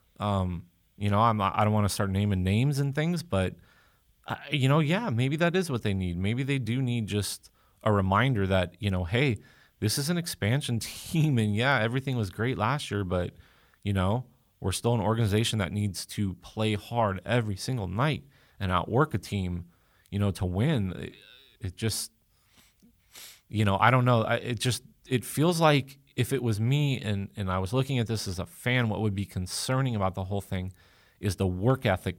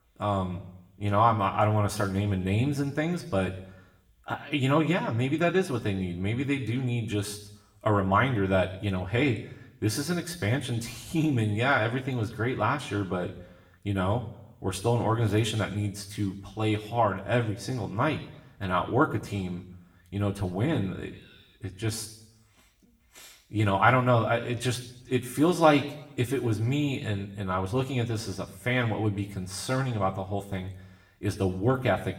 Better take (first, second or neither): first